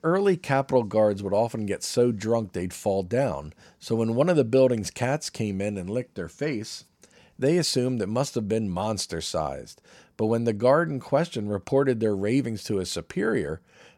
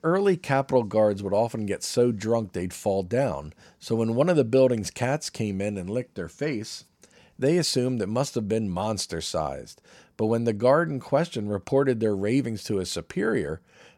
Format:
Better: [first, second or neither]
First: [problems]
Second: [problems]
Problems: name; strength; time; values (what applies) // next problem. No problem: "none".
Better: neither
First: none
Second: none